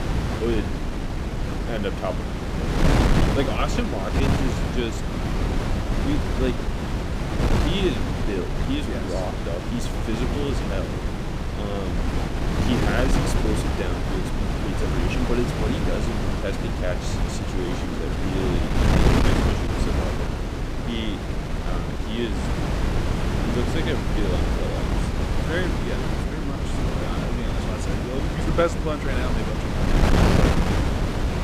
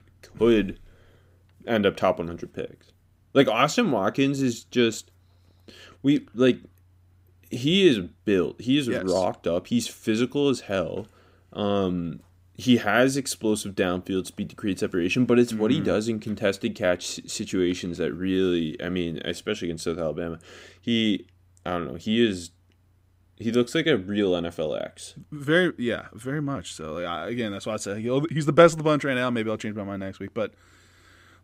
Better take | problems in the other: second | wind noise on the microphone; heavy; 2 dB above the speech

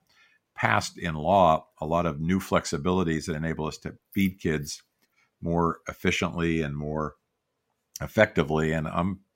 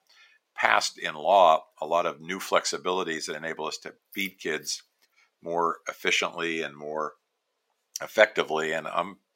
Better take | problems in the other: first | thin; very; fading below 500 Hz

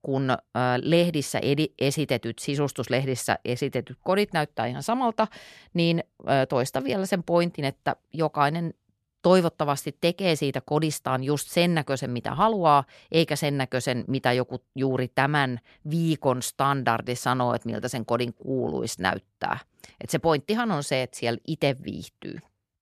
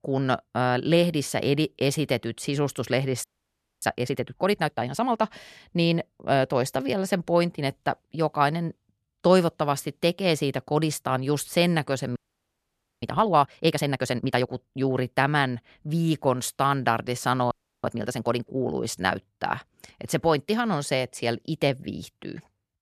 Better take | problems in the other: first | audio freezing; at 3 s for 0.5 s, at 12 s for 1 s and at 18 s

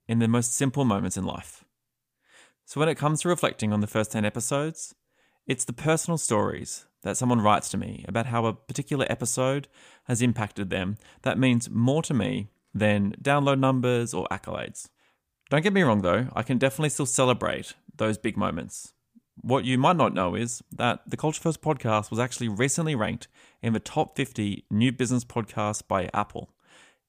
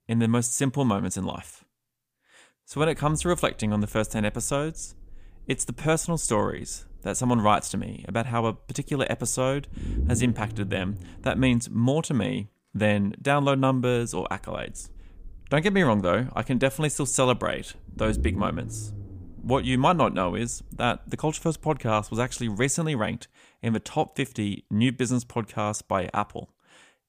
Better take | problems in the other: first | low rumble; noticeable; from 3 to 12 s and from 14 to 23 s; 20 dB below the speech

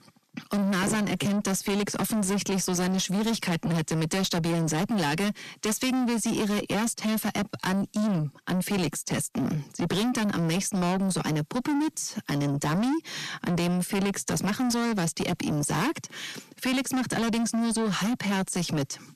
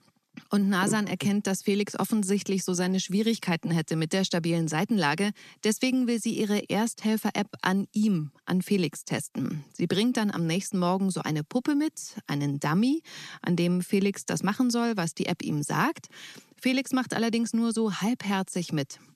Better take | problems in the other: second | distortion; heavy; 7 dB below the speech

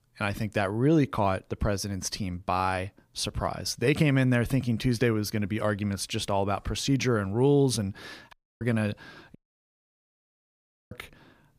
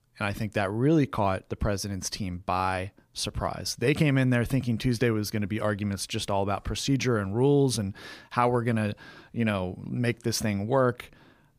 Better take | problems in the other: second | audio cutting out; at 8.5 s and at 9.5 s for 1.5 s

